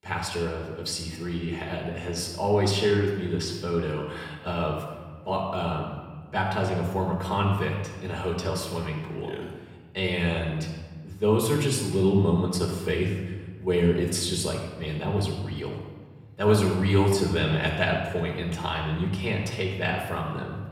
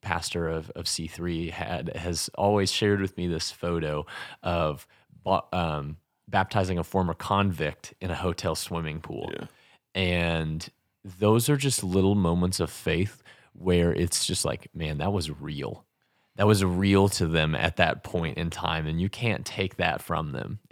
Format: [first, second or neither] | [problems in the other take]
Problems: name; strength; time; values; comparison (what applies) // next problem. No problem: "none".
second | off-mic speech; far // room echo; noticeable; dies away in 1.2 s